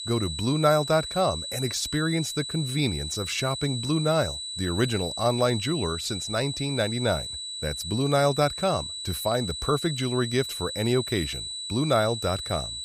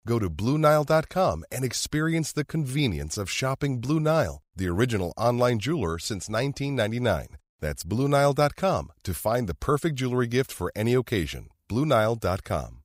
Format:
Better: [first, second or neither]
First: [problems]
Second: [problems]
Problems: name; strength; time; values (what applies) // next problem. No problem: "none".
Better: second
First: high-pitched whine; loud; throughout; 4 kHz, 5 dB below the speech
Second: none